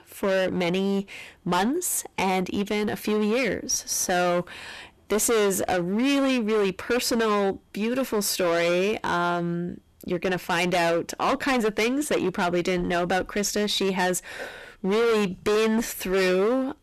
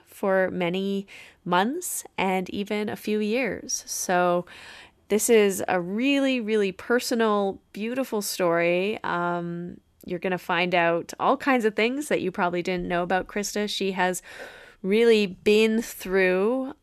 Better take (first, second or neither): second